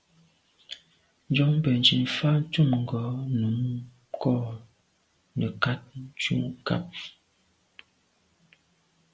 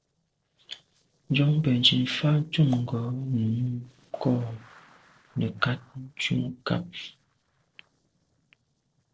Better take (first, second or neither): first